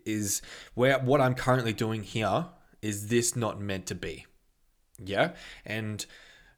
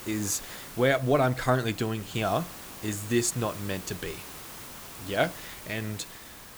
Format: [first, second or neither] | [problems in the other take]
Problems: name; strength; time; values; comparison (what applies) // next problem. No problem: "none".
first | hiss; noticeable; throughout; 15 dB below the speech